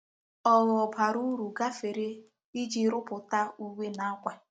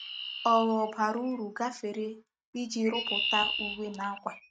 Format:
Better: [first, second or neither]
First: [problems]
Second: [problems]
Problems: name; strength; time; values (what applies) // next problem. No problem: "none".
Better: first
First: none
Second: noise reduction (neural mask model RNNoise)